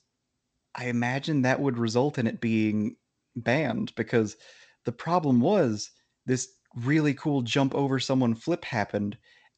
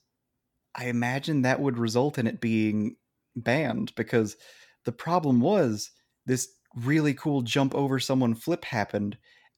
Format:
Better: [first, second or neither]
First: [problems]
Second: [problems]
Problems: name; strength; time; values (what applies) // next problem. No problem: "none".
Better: second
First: garbled, watery; slightly; nothing above 7.5 kHz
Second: none